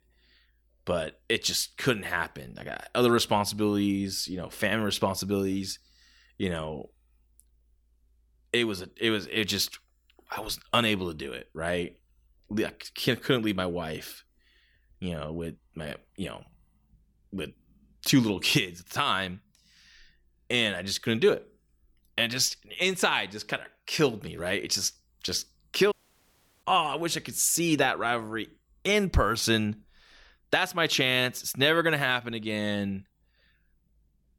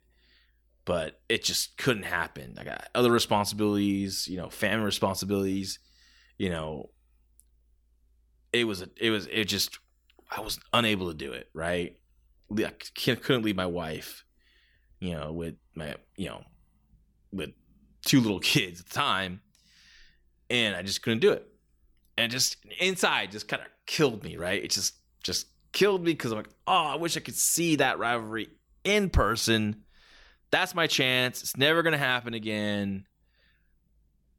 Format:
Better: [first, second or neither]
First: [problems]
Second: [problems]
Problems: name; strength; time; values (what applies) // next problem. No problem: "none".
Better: second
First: audio cutting out; at 26 s for 0.5 s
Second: none